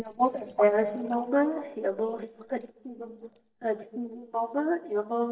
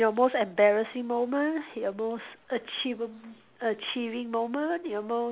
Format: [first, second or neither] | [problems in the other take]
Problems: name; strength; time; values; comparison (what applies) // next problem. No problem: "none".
second | noise reduction (neural mask model DeepFilterNet 3)